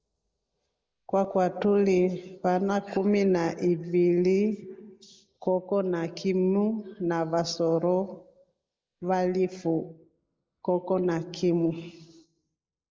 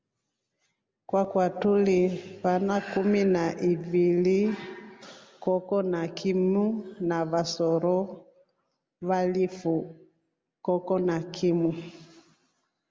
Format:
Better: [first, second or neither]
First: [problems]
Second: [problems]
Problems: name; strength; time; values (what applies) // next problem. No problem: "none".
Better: second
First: noise reduction (neural mask model Resemble Enhance denoiser)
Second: none